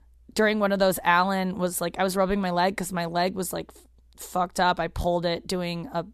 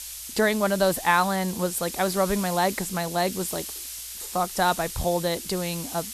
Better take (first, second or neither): first